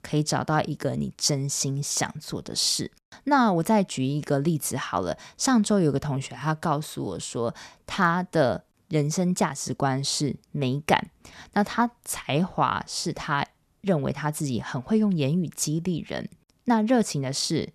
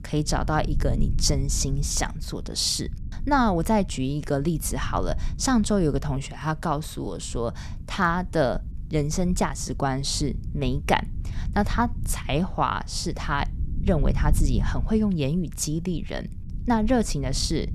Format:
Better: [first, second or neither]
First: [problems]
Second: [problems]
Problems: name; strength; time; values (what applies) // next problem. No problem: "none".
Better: first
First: none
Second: low rumble; faint; throughout; 20 dB below the speech